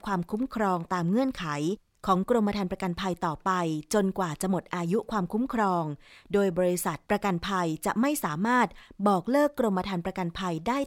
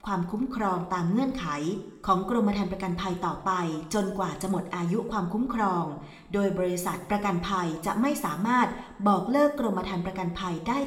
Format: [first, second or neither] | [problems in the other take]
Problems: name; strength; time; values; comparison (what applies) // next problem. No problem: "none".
first | room echo; slight; dies away in 1 s // off-mic speech; somewhat distant